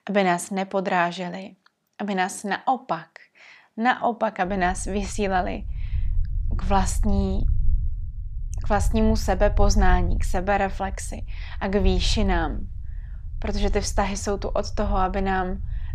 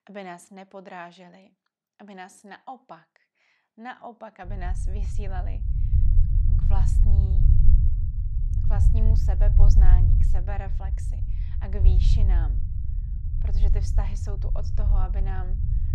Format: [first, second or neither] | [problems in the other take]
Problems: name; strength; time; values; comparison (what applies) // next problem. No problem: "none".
first | low rumble; loud; from 4.5 s on; 2 dB below the speech; faint in the first